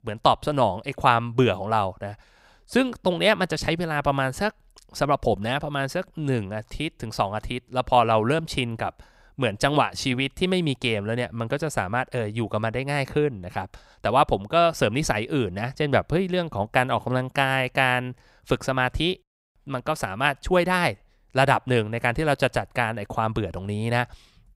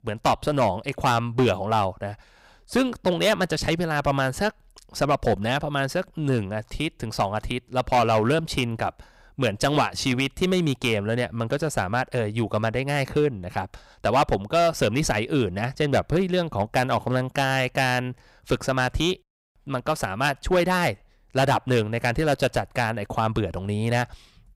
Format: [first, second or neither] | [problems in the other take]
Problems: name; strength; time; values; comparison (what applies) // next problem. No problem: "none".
first | distortion; slight; 4% of the sound clipped